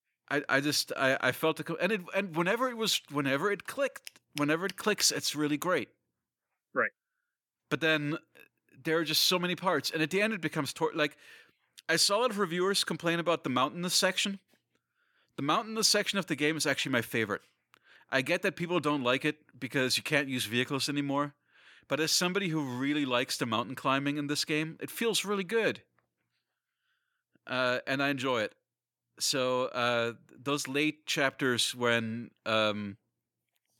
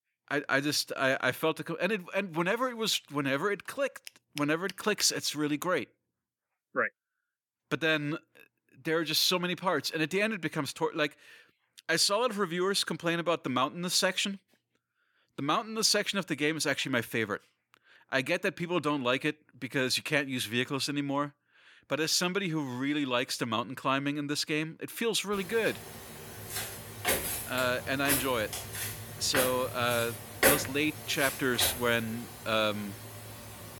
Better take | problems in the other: first | footsteps; loud; from 27 to 32 s; peak 5 dB above the speech

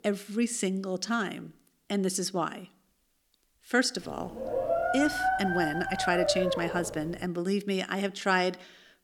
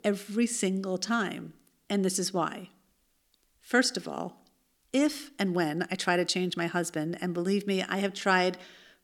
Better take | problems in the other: second | dog barking; loud; from 4.5 to 7 s; peak 2 dB above the speech

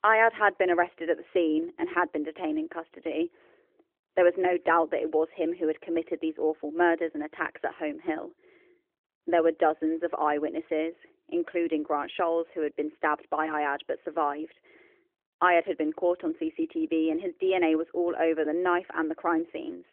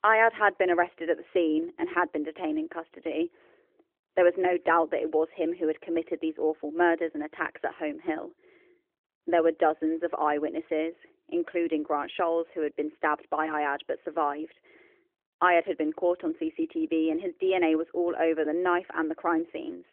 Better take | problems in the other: neither | phone-call audio; nothing above 3.5 kHz; the same in both

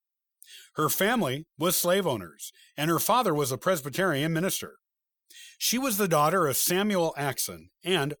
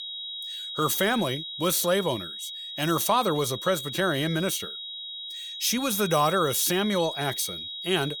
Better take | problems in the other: first | high-pitched whine; loud; throughout; 4 kHz, 8 dB below the speech

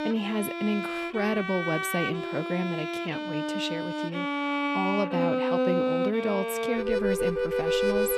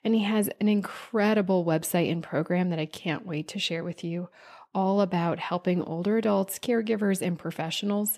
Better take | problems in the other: second | background music; very loud; throughout; 2 dB above the speech

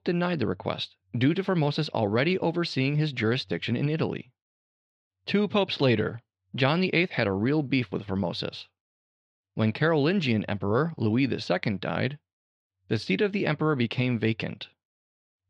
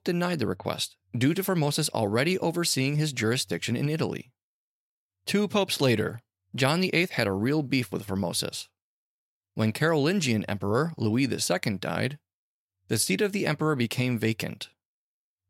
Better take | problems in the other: second | muffled; very slightly; fading above 3.5 kHz

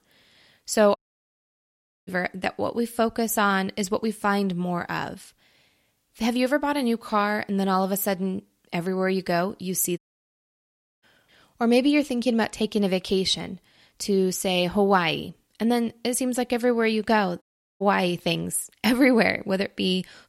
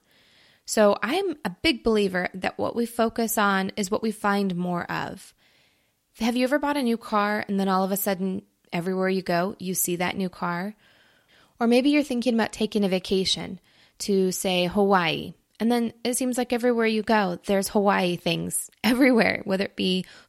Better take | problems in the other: second | audio cutting out; at 1 s for 1 s, at 10 s for 1 s and at 17 s

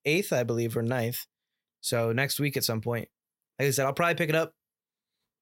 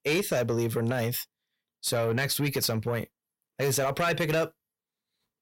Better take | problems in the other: first | distortion; slight; 10 dB below the speech

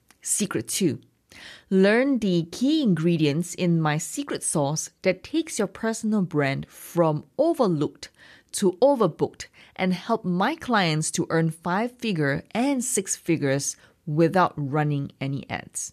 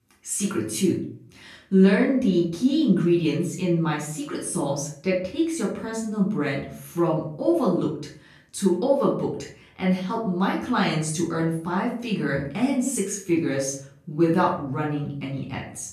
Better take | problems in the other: first | off-mic speech; far // room echo; slight; dies away in 0.5 s

